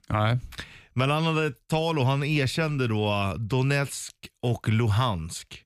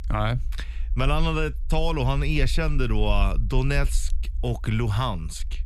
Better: first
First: none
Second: low rumble; faint; throughout; 25 dB below the speech

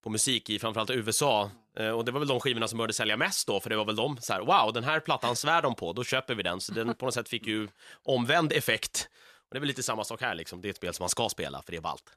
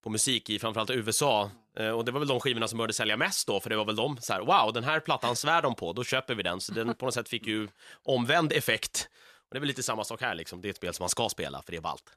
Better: neither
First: none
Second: none

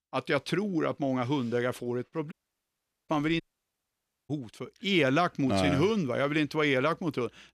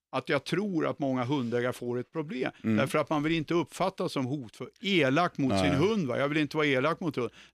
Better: second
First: audio cutting out; at 2.5 s for 1 s and at 3.5 s for 1 s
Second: none

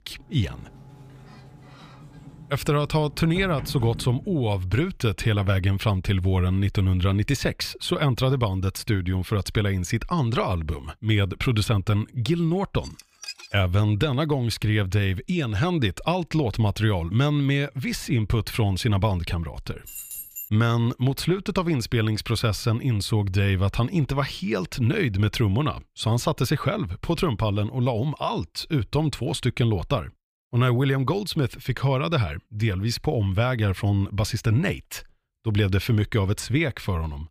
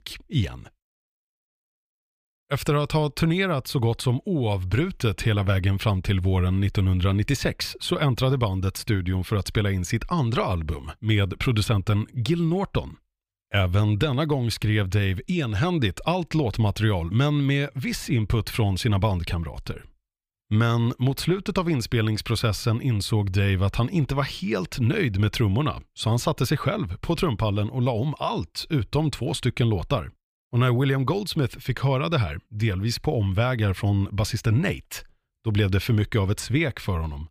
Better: second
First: door banging; faint; until 4.5 s; peak 10 dB below the speech // clattering dishes; faint; at 13 s; peak 10 dB below the speech // jangling keys; noticeable; at 20 s; peak 9 dB below the speech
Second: none

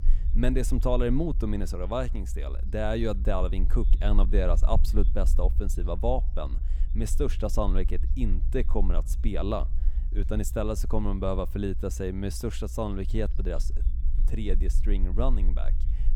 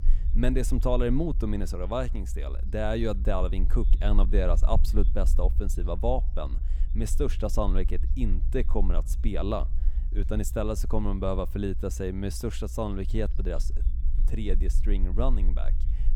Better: neither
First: low rumble; noticeable; throughout; 20 dB below the speech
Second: low rumble; noticeable; throughout; 20 dB below the speech

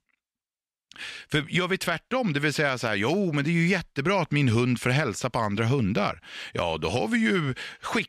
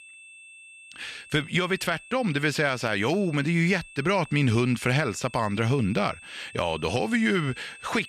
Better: first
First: none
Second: high-pitched whine; noticeable; throughout; 2.5 kHz, 20 dB below the speech

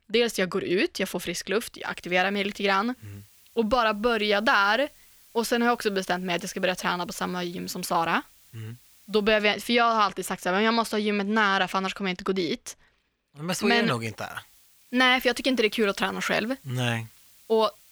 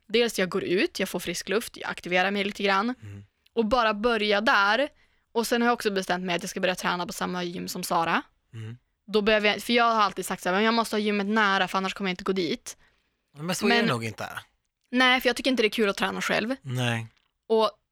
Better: second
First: hiss; faint; from 2 to 9.5 s and from 14 s on; 30 dB below the speech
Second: none

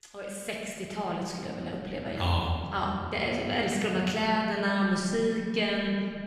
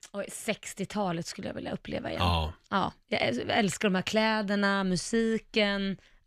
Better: second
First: room echo; noticeable; dies away in 1.9 s // off-mic speech; somewhat distant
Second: none

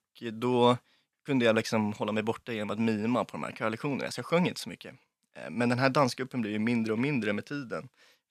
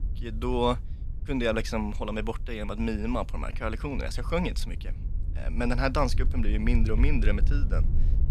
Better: first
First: none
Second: wind noise on the microphone; occasional gusts; 20 dB below the speech

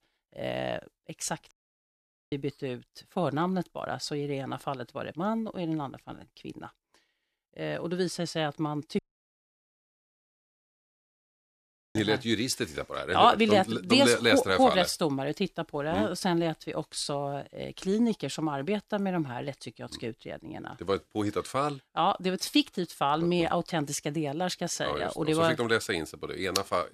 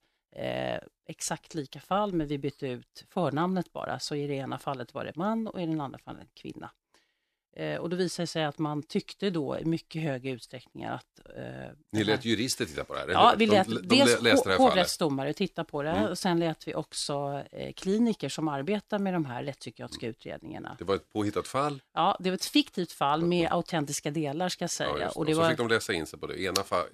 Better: second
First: audio cutting out; at 1.5 s for 1 s and at 9 s for 3 s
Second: none

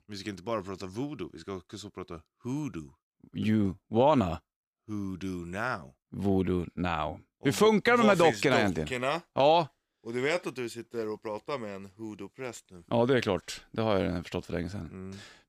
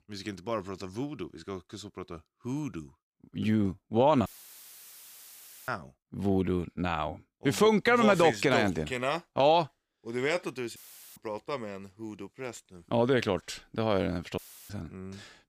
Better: first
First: none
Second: audio cutting out; filled with static; at 4.5 s for 1.5 s, at 11 s and at 14 s

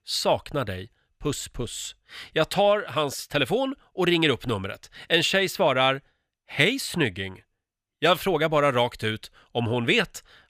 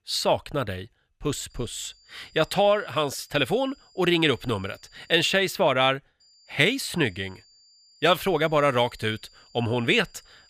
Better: first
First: none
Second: high-pitched whine; faint; from 1.5 to 5 s and from 6 s on; 4.5 kHz, 30 dB below the speech

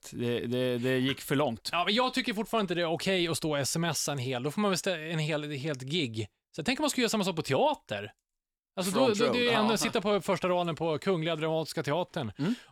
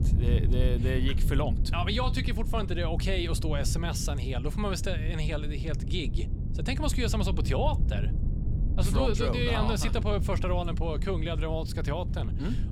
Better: first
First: none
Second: wind noise on the microphone; occasional gusts; 10 dB below the speech

